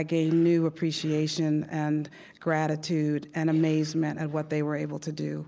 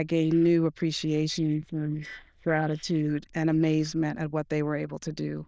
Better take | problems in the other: first | noise reduction (neural diffusion model UNIVERSE++)

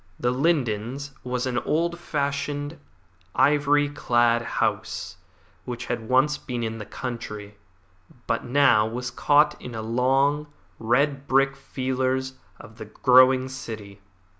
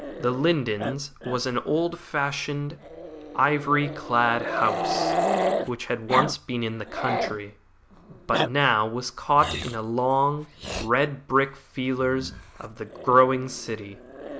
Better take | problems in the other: first | background sound (Growling); 7 dB below the speech

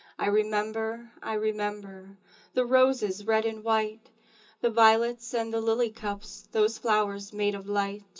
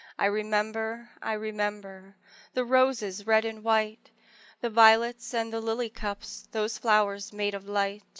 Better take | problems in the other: second | room echo; dies away in 0.2 s

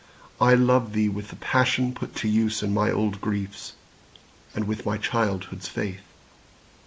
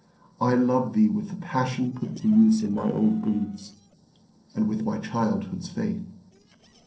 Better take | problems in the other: first | noise reduction (neural separator model SepFormer DNS4)

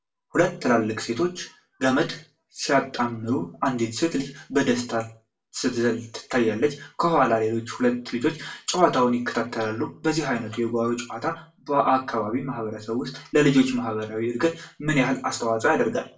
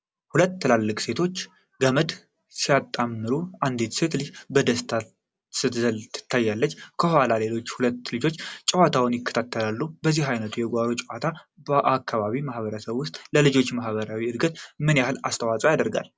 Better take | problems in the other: second | room echo; dies away in 0.3 s

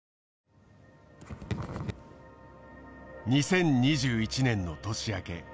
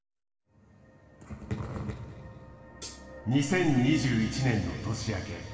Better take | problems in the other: first | background sound (Hi-hat); 16 dB below the speech // room echo; dies away in 2.4 s

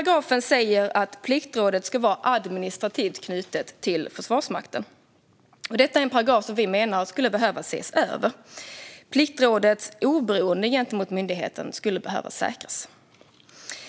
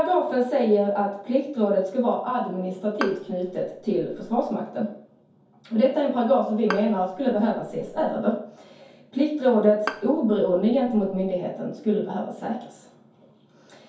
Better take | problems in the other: first | background sound (Bowed string instrument); 14 dB below the speech // room echo; dies away in 0.6 s

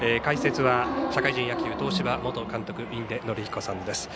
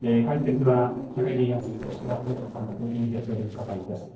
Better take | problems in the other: first | noise reduction (neural separator model SepFormer DNS4)

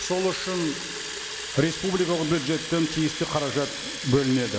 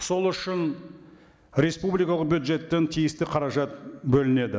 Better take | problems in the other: second | background sound (Fill (with liquid) / Water tap, faucet); 7 dB below the speech

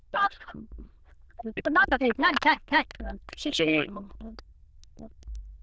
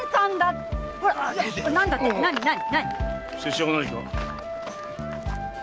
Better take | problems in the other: second | noise reduction (neural diffusion model UNIVERSE++)

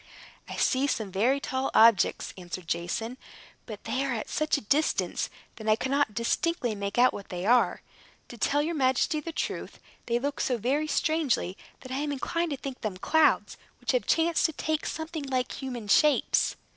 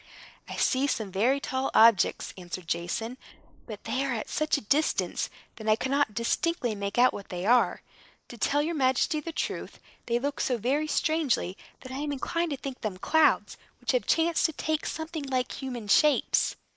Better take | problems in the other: first | noise reduction (neural mask model Resemble Enhance denoiser)

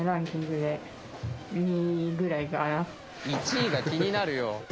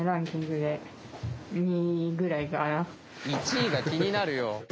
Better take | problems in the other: second | background sound (Race car, auto racing / Accelerating, revving, vroom / Mechanisms); 19 dB below the speech

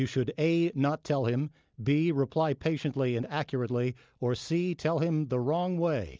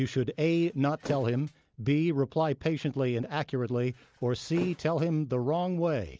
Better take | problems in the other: first | background sound (Thump, thud); 18 dB below the speech

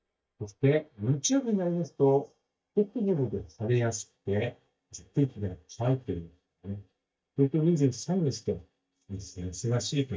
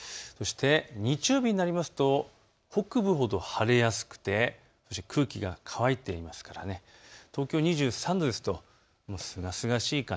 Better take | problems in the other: second | noise reduction (neural mask model DeepFilterNet 3)

